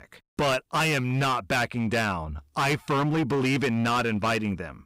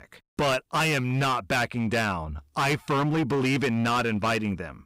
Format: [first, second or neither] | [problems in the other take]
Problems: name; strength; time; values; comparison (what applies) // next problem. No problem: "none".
neither | distortion; heavy; 18% of the sound clipped; the same in both